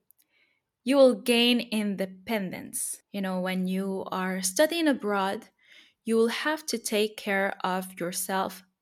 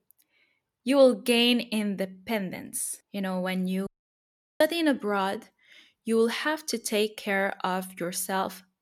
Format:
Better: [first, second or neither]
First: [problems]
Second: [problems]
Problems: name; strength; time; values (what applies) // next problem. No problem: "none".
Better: first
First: none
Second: audio cutting out; at 4 s for 0.5 s